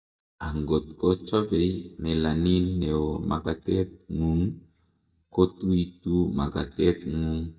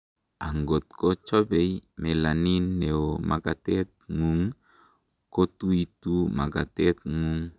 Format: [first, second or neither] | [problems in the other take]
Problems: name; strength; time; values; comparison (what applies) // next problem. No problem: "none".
second | noise reduction (neural mask model DeepFilterNet 3)